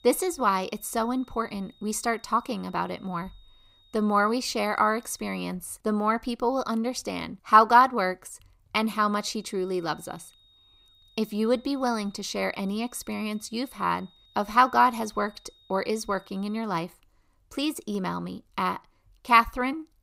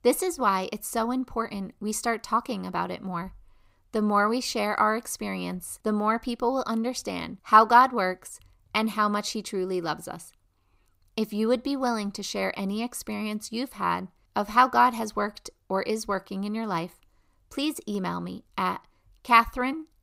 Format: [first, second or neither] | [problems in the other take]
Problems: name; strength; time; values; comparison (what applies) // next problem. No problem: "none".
second | high-pitched whine; faint; until 5.5 s and from 9 to 17 s; 3.5 kHz, 30 dB below the speech